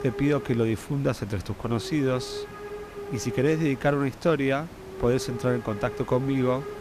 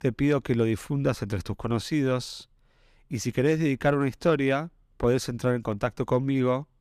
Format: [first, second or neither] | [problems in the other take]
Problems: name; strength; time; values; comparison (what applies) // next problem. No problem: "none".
second | hiss; noticeable; throughout; 10 dB below the speech